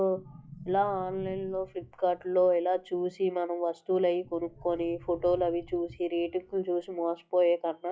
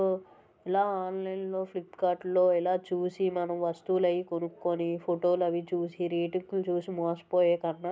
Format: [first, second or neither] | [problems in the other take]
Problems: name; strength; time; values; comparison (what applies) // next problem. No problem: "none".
second | noise reduction (classical method log-MMSE)